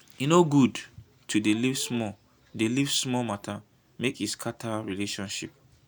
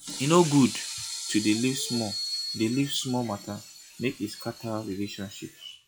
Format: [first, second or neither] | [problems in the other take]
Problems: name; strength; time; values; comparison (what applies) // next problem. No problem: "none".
first | noise reduction (classical method log-MMSE)